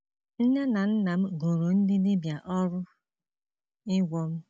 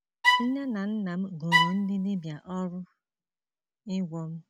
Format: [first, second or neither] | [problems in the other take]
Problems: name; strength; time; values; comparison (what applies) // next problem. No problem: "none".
first | background sound (Bowed string instrument); 4 dB above the speech